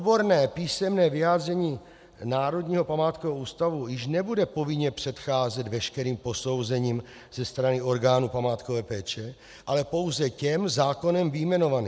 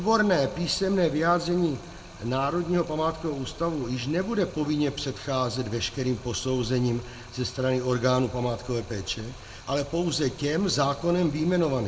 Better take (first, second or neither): first